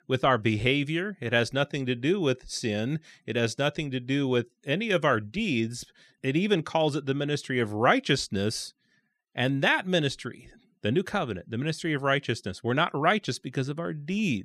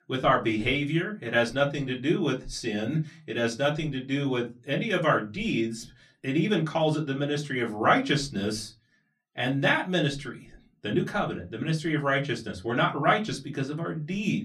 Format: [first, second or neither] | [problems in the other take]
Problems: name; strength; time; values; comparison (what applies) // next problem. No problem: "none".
first | off-mic speech; far // room echo; very slight; dies away in 0.2 s